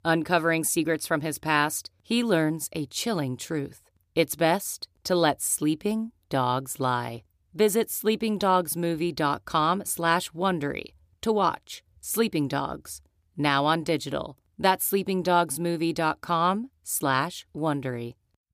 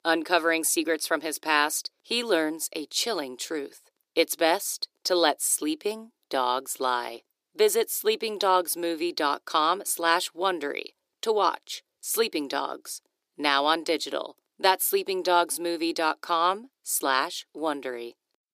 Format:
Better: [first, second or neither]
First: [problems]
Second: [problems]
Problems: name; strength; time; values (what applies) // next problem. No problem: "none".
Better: first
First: none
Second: thin; somewhat; fading below 350 Hz